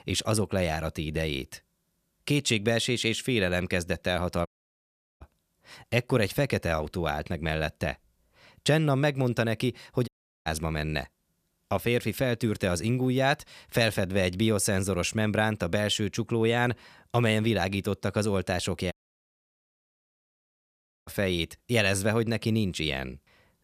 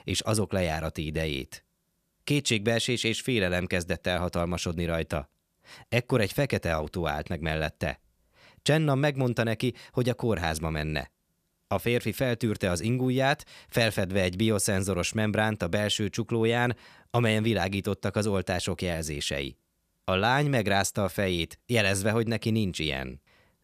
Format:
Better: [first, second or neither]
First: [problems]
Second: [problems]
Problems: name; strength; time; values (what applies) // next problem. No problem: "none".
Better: second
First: audio cutting out; at 4.5 s for 0.5 s, at 10 s and at 19 s for 2 s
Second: none